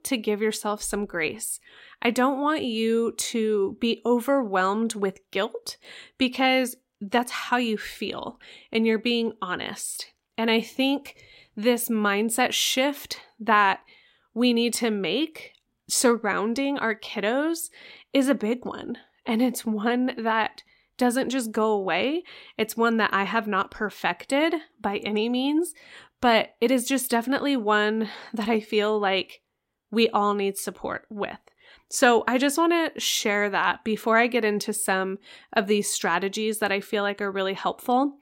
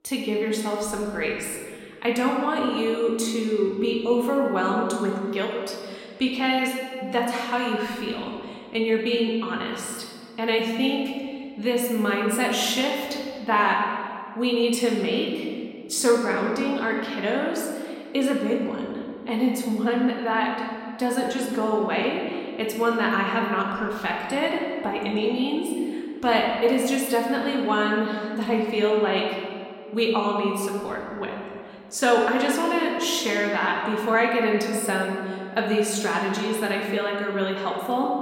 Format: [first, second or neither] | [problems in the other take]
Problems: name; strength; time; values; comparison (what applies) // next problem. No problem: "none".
first | room echo; noticeable; dies away in 1.8 s // off-mic speech; somewhat distant